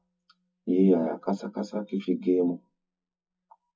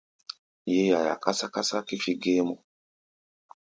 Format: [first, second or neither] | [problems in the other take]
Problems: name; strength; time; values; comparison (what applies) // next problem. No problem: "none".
second | noise reduction (classical method WPE with log-MMSE)